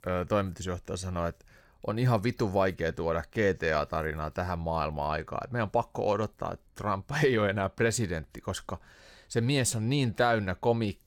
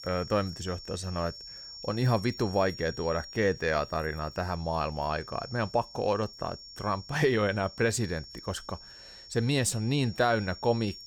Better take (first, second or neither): first